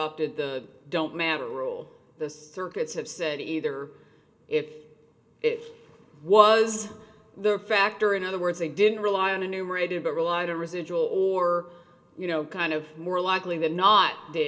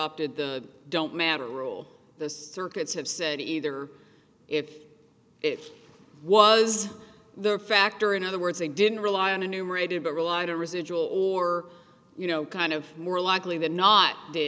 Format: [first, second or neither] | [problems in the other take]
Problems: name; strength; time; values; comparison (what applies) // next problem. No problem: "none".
second | room echo; dies away in 0.2 s